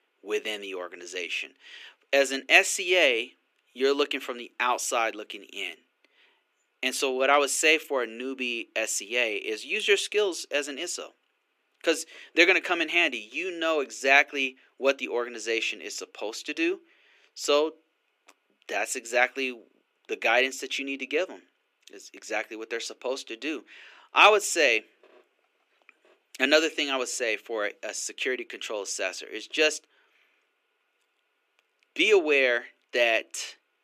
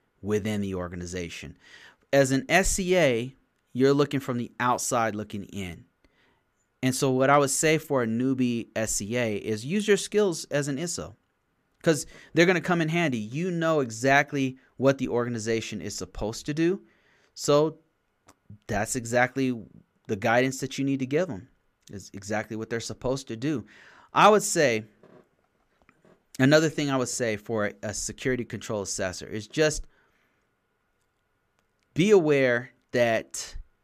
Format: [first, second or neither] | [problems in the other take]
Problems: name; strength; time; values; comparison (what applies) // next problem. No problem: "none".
second | thin; somewhat; fading below 300 Hz